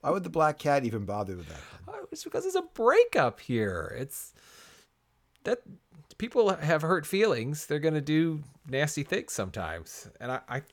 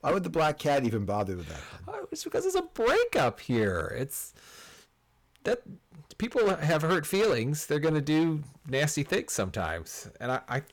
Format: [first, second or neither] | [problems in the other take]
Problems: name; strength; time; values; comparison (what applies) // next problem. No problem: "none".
first | distortion; heavy; 8% of the sound clipped